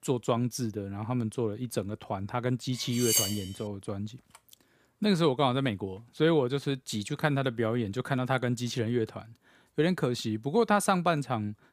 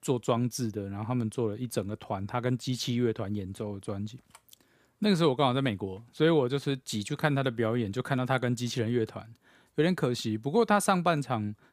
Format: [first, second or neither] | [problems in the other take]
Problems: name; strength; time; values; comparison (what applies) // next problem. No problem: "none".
second | clattering dishes; loud; at 3 s; peak 4 dB above the speech